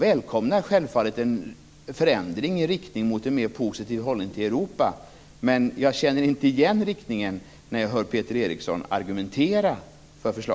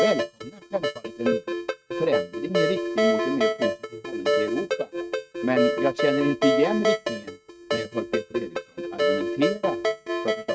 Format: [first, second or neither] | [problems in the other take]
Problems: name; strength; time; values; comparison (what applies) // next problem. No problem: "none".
first | noise reduction (neural mask model RNNoise)